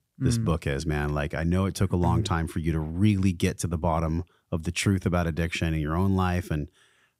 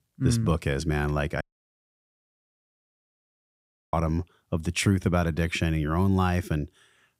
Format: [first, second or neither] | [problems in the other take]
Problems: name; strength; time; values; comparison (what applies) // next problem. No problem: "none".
first | audio cutting out; at 1.5 s for 2.5 s